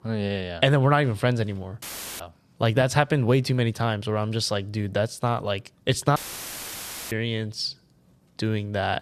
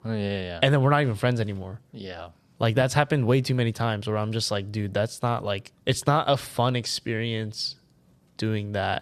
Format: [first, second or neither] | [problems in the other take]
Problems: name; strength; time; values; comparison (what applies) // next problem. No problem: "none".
second | audio cutting out; filled with static; at 2 s and at 6 s for 1 s